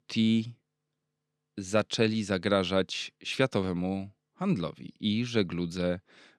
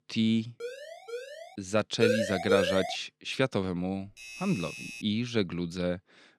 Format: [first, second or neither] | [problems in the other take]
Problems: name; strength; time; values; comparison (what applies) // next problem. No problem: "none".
first | siren; faint; at 0.5 s; peak 10 dB below the speech // siren; loud; at 2 s; peak 3 dB above the speech // doorbell; noticeable; at 4 s; peak 9 dB below the speech